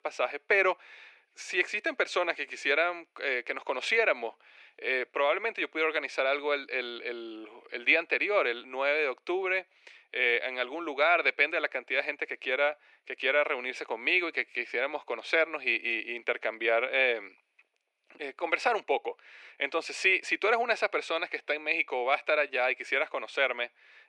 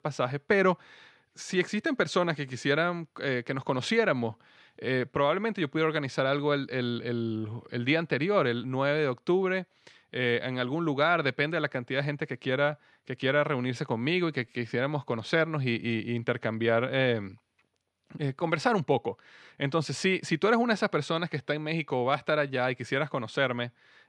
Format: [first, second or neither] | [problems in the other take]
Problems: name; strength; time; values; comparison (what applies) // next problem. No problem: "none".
second | thin; very; fading below 350 Hz